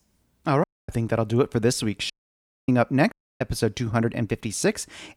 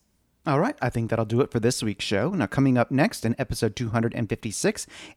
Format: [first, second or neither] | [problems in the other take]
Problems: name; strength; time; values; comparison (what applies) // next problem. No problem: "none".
second | audio cutting out; at 0.5 s, at 2 s for 0.5 s and at 3 s